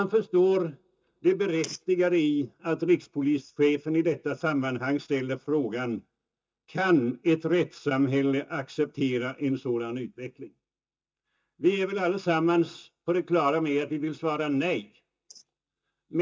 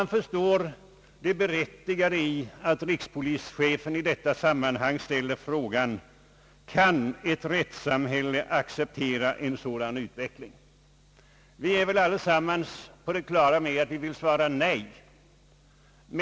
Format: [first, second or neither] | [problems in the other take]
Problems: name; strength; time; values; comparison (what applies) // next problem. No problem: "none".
second | noise reduction (neural mask model DeepFilterNet 3)